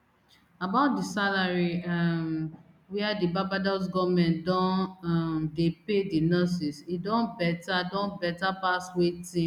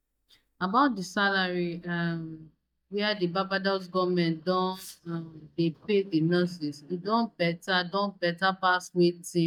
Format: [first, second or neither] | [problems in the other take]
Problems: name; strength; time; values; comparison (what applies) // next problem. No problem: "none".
first | noise reduction (neural mask model DeepFilterNet 3)